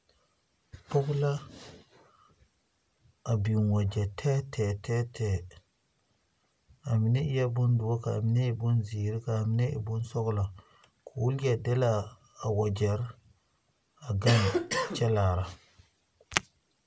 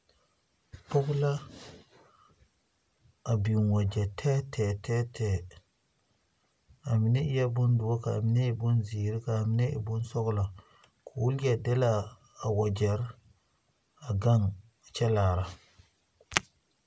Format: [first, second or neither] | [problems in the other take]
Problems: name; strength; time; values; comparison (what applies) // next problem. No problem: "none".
second | background sound (Cough); 1 dB below the speech